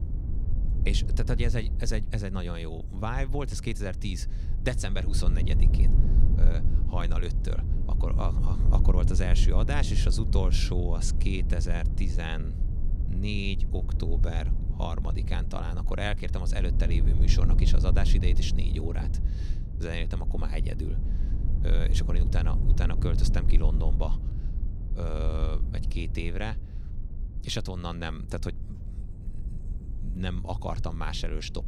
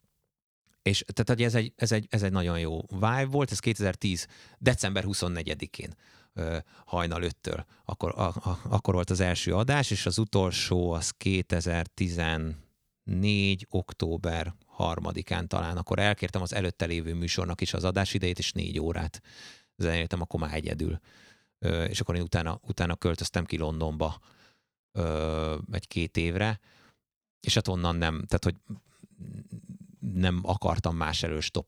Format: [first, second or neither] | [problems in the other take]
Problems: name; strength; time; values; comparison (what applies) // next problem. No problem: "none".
second | low rumble; loud; throughout; 9 dB below the speech